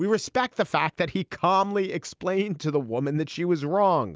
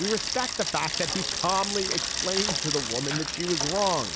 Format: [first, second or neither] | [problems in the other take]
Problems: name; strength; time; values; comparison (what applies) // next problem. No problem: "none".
first | background sound (Bicycle); as loud as the speech